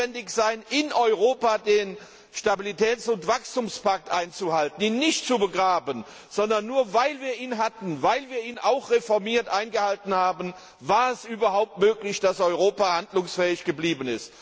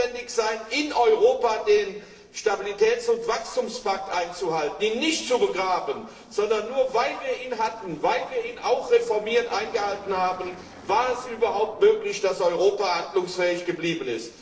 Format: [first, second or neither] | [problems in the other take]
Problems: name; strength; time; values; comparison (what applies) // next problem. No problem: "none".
first | noise reduction (neural separator model SepFormer DNS4)